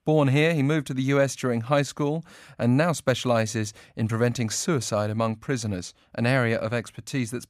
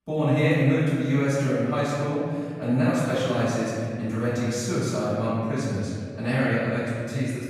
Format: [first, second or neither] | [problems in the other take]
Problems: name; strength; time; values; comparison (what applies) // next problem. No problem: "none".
first | off-mic speech; far // room echo; strong; dies away in 2.2 s